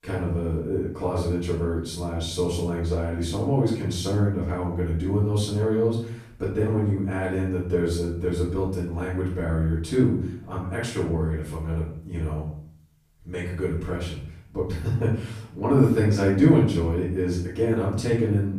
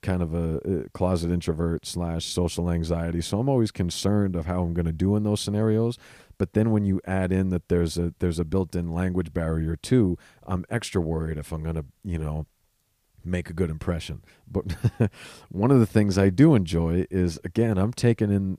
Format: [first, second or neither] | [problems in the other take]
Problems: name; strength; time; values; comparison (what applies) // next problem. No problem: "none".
second | off-mic speech; far // room echo; noticeable; dies away in 0.5 s